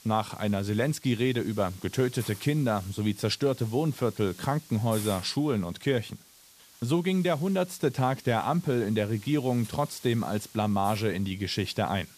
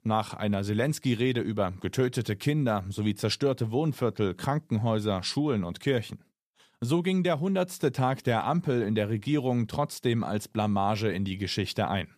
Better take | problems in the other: second | hiss; noticeable; throughout; 20 dB below the speech

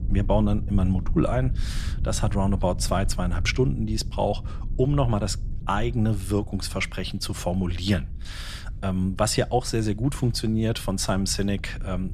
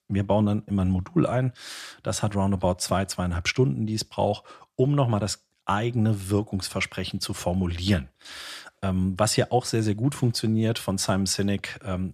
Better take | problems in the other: second | low rumble; faint; throughout; 20 dB below the speech

